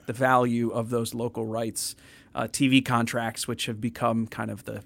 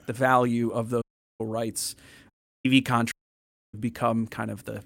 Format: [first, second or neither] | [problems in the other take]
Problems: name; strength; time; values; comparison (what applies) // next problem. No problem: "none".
first | audio cutting out; at 1 s, at 2.5 s and at 3 s for 0.5 s